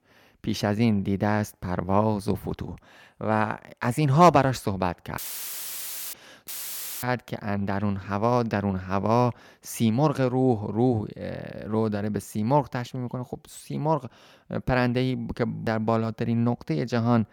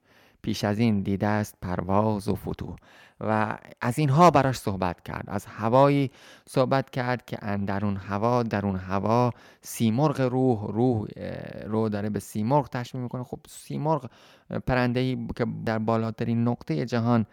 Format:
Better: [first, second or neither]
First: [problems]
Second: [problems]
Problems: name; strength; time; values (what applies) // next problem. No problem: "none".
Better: second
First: audio cutting out; filled with static; at 5 s for 1 s and at 6.5 s for 0.5 s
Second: none